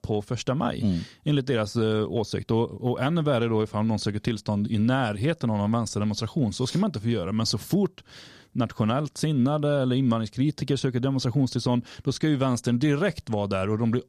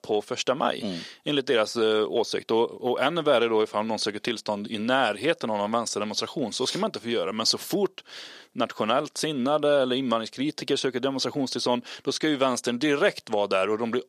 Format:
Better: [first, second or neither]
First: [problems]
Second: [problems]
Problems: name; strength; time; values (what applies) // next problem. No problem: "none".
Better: first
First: none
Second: thin; somewhat; fading below 450 Hz